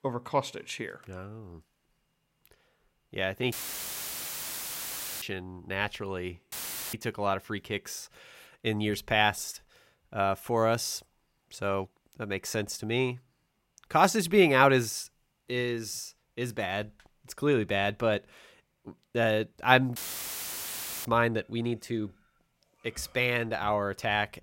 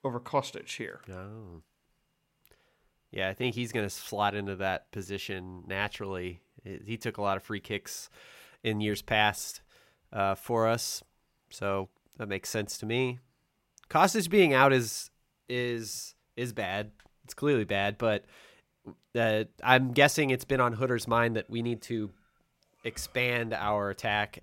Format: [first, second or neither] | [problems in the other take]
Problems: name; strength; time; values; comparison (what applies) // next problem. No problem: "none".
second | audio cutting out; filled with static; at 3.5 s for 1.5 s, at 6.5 s and at 20 s for 1 s